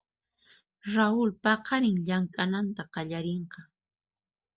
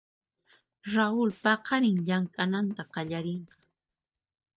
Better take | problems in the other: first | noise reduction (neural mask model DeepFilterNet 3)

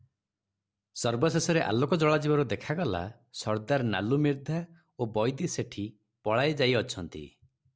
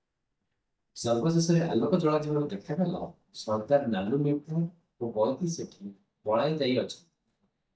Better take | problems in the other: first | noise reduction (neural mask model DeepFilterNet 3)

